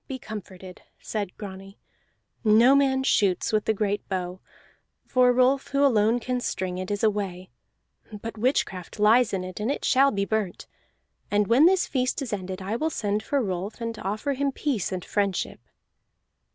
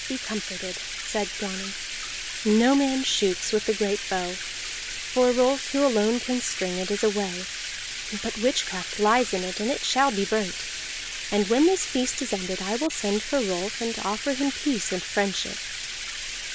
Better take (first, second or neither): first